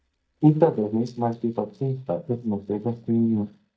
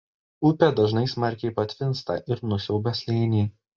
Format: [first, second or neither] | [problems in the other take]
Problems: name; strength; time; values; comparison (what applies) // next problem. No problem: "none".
second | noise reduction (neural mask model DeepFilterNet 3)